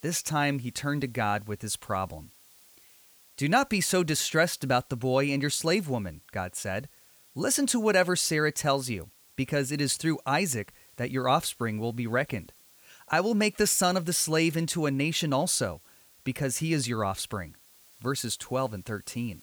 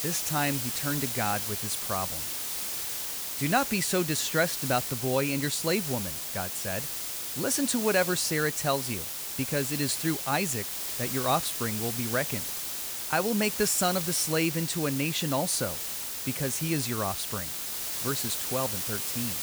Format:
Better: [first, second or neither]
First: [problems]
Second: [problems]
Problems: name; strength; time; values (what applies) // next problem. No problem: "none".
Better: first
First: hiss; faint; throughout; 25 dB below the speech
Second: hiss; loud; throughout; 2 dB below the speech